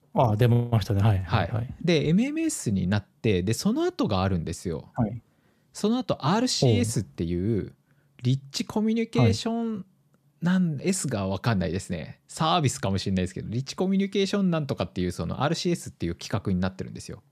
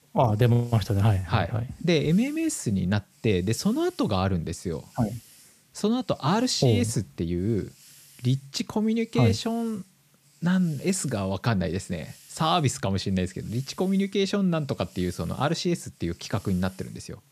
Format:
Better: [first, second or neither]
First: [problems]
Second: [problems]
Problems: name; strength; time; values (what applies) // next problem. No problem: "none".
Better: first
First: none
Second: hiss; faint; throughout; 25 dB below the speech